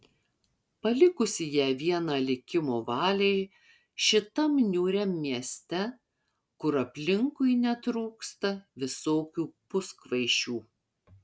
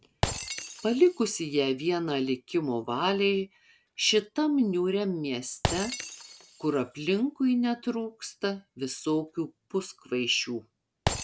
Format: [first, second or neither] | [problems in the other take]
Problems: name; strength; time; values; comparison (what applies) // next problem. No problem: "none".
first | background sound (Shatter); 11 dB below the speech